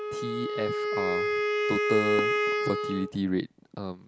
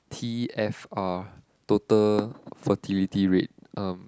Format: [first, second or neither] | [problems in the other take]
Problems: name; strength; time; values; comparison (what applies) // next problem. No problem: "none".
second | background sound (Wind instrument, woodwind instrument); 3 dB above the speech